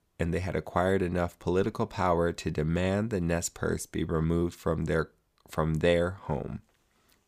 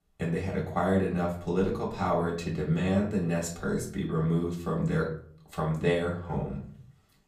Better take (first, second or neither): first